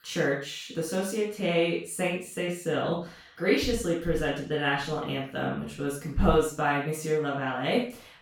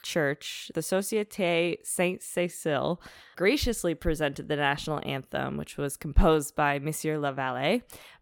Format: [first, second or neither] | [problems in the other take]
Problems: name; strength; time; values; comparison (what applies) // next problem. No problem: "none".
second | room echo; noticeable; dies away in 0.4 s // off-mic speech; far